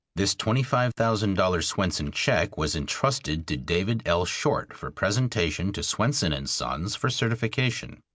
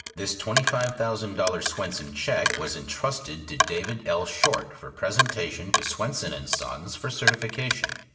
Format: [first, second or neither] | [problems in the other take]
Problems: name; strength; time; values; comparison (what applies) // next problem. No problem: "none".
first | background sound (Coin (dropping)); as loud as the speech // room echo; dies away in 0.8 s